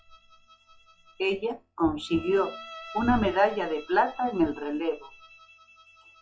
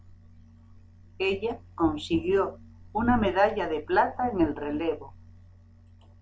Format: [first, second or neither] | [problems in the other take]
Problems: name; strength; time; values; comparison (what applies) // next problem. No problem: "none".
second | noise reduction (classical method log-MMSE)